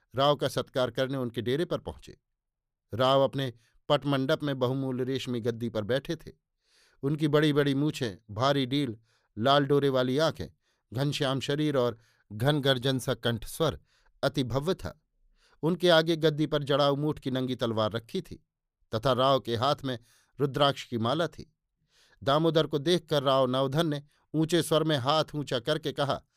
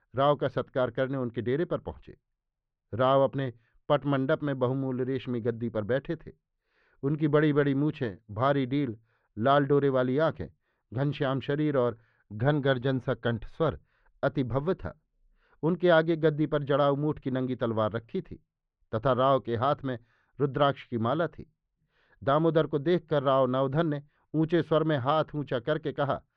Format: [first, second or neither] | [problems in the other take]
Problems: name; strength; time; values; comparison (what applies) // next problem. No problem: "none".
first | muffled; very; fading above 2.5 kHz